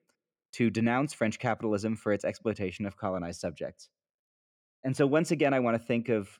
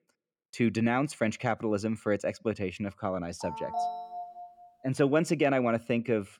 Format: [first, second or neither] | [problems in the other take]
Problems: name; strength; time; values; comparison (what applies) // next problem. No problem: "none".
first | phone ringing; noticeable; from 3.5 to 4.5 s; peak 4 dB below the speech